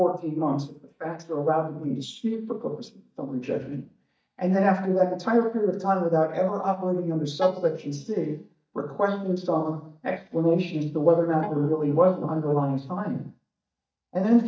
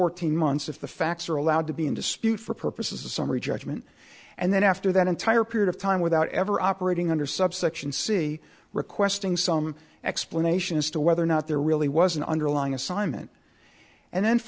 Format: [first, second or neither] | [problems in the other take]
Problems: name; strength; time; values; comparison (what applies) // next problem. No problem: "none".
second | noise reduction (neural mask model DeepFilterNet 3)